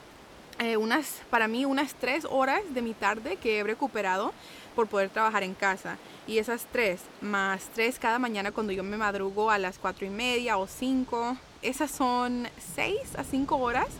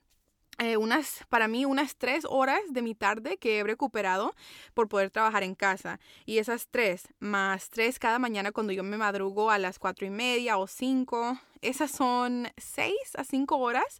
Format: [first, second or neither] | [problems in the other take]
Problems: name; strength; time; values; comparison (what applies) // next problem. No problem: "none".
second | rain or running water; faint; throughout; 20 dB below the speech